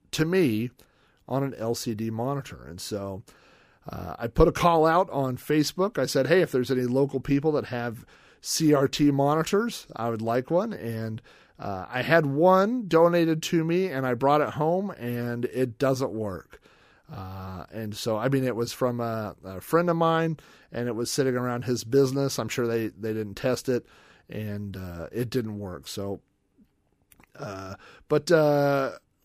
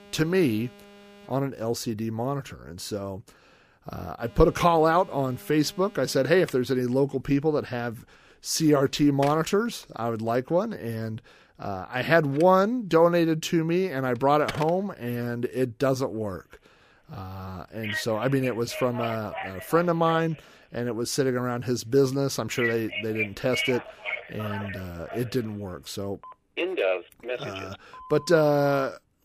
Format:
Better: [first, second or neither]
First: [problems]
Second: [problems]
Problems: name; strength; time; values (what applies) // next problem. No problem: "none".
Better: first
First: none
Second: alarms or sirens; loud; throughout; 9 dB below the speech